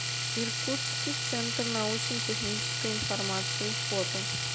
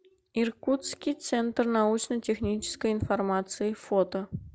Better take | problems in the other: second | background sound (Domestic sounds, home sounds); 4 dB above the speech

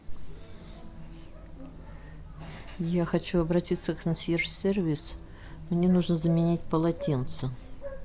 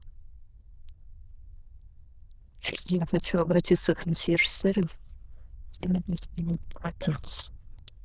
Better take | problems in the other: first | noise reduction (neural diffusion model UNIVERSE++)

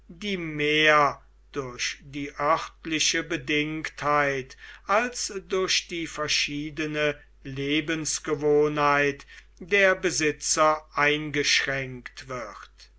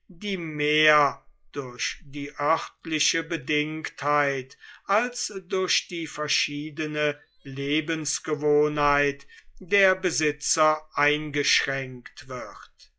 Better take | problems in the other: first | noise reduction (classical method log-MMSE)

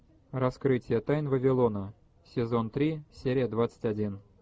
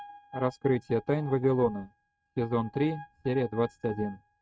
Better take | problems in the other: first | noise reduction (neural mask model RNNoise)

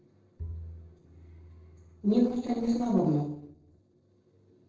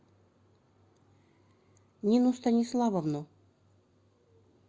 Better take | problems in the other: second | noise reduction (neural separator model SepFormer DNS4)

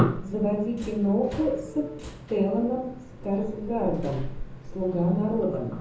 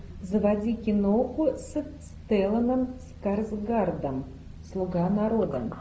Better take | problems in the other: second | background sound (Subway, metro, underground); 12 dB below the speech // room echo; dies away in 0.6 s

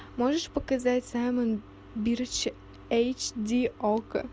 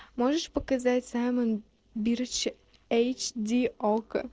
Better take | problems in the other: first | noise reduction (neural separator model SepFormer DNS4)

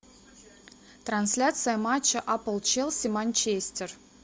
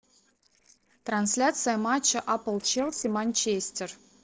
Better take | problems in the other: first | noise reduction (neural separator model SepFormer DNS4)

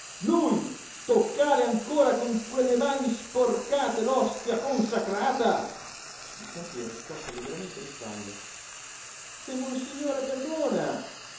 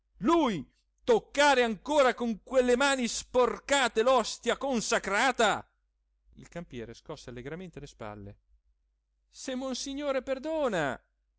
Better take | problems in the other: second | background sound (Frying (food)); 14 dB below the speech // room echo; dies away in 2.8 s

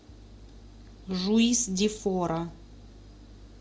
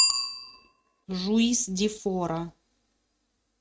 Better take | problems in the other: first | noise reduction (neural mask model RNNoise)

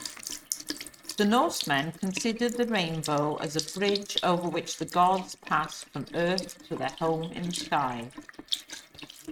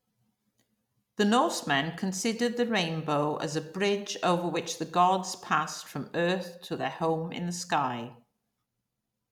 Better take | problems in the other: second | noise reduction (neural mask model RNNoise)

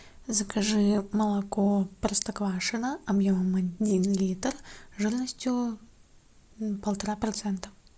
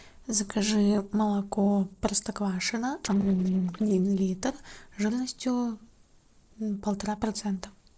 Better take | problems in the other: first | noise reduction (neural separator model SepFormer DNS4)

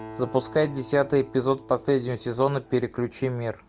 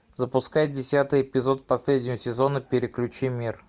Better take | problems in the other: second | background sound (Acoustic guitar); 19 dB below the speech

